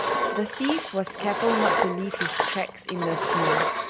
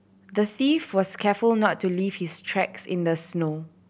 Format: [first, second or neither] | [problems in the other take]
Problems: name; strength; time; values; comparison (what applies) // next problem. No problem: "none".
second | background sound (Engine); 3 dB above the speech